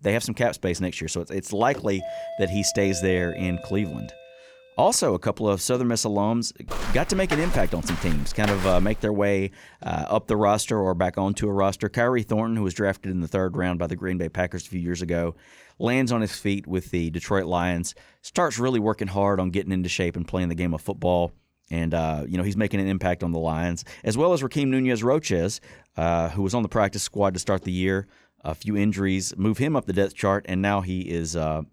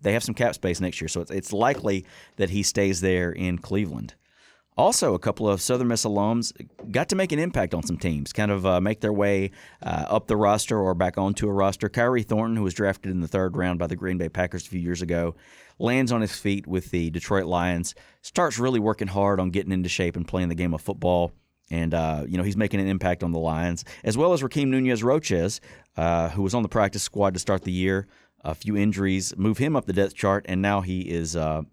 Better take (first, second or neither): second